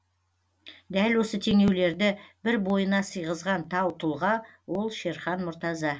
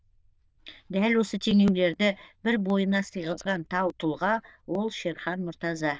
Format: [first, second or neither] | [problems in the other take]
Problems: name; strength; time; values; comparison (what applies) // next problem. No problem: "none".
first | noise reduction (neural diffusion model UNIVERSE++)